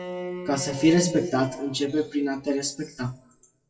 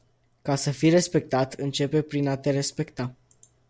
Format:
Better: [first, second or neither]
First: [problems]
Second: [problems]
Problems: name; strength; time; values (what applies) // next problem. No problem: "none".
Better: second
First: noise reduction (classical method WPE with log-MMSE)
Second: none